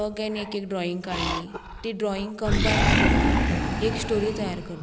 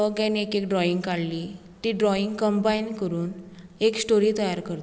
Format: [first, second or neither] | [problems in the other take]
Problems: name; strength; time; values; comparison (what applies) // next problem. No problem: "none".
second | background sound (Animal); 4 dB above the speech